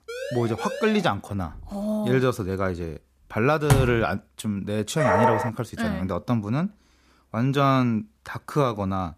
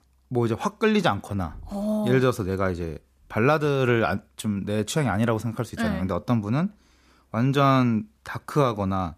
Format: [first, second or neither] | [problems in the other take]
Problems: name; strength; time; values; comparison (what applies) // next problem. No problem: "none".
second | siren; noticeable; at the start; peak 8 dB below the speech // door banging; loud; at 3.5 s; peak 2 dB above the speech // dog barking; loud; at 5 s; peak 4 dB above the speech